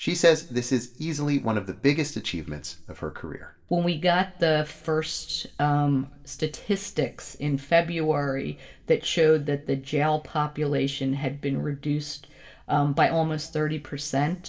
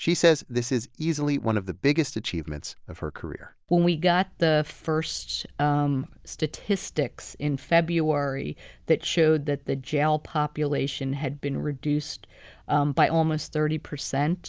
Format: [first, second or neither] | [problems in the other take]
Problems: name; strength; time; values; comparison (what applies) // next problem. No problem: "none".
second | room echo; dies away in 0.7 s